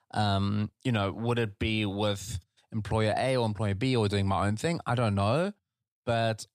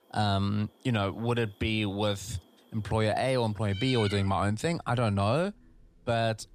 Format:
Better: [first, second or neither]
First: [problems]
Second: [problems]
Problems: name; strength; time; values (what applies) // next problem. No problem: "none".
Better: first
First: none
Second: animal sounds; noticeable; throughout; 10 dB below the speech